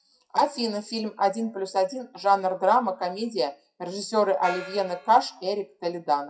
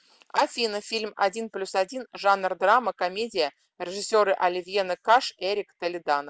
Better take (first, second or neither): second